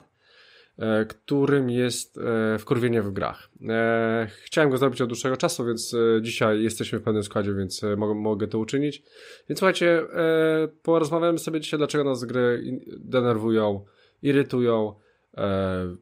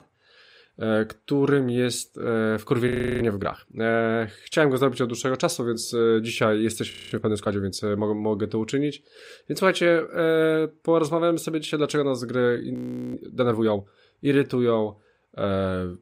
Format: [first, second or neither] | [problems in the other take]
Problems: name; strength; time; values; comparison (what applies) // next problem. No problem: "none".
first | audio freezing; at 3 s, at 7 s and at 13 s